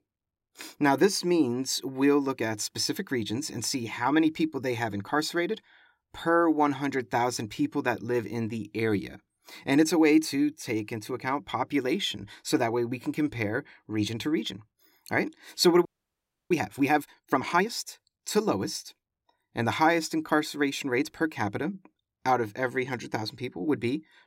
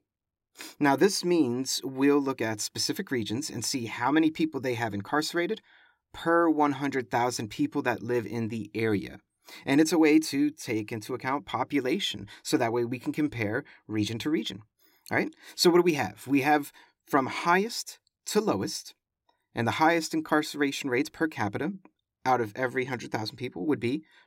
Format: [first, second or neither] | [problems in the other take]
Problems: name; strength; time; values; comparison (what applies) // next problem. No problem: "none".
second | audio freezing; at 16 s for 0.5 s